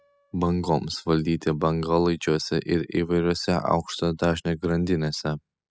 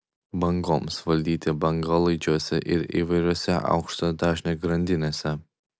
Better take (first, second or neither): second